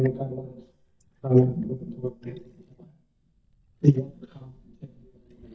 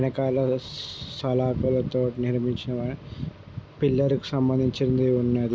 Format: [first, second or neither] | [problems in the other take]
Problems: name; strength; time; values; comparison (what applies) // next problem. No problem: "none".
second | noise reduction (neural mask model DeepFilterNet 3)